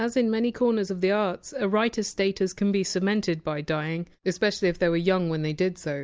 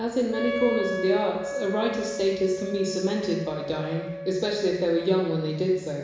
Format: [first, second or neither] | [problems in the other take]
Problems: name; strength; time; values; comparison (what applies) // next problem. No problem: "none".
first | background sound (Wind instrument, woodwind instrument); 9 dB below the speech // room echo; dies away in 1 s